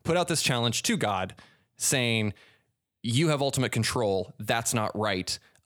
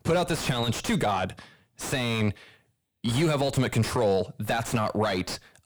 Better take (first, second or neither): first